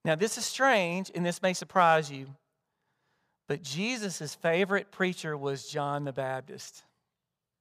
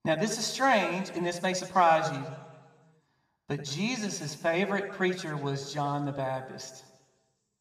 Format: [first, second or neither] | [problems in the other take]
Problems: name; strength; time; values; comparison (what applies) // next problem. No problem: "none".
first | room echo; slight; dies away in 1 s // off-mic speech; somewhat distant